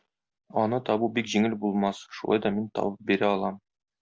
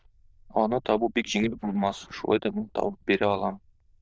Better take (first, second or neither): first